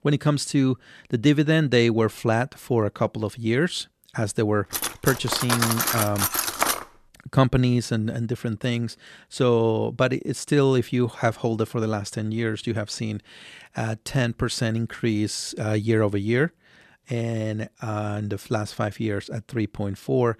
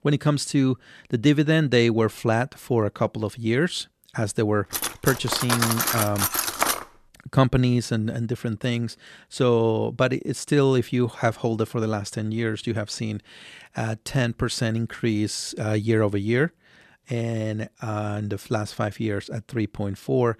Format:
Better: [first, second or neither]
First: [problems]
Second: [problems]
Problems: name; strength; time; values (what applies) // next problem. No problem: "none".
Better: neither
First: clattering dishes; loud; from 4.5 to 7 s; peak 3 dB above the speech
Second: clattering dishes; loud; from 4.5 to 7 s; peak 3 dB above the speech